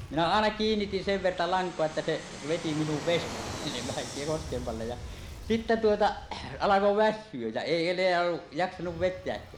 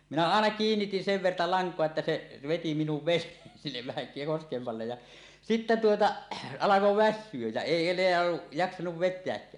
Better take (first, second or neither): second